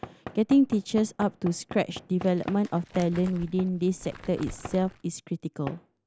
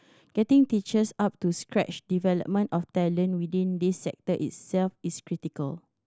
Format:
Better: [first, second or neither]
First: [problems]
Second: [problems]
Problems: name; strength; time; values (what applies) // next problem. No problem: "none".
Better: second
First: background sound (Crumpling, crinkling + Knock / Wood); 16 dB below the speech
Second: none